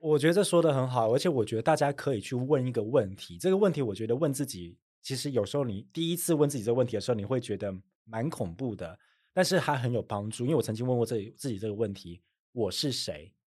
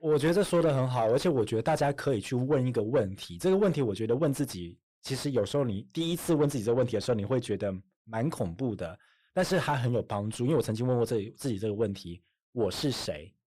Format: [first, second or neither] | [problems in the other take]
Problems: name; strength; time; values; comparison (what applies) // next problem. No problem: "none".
first | distortion; slight; 10 dB below the speech